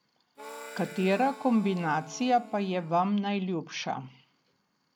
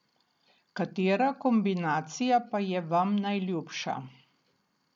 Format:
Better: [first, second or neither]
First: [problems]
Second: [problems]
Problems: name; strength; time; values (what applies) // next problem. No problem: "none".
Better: second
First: background sound (Harmonica); 17 dB below the speech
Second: none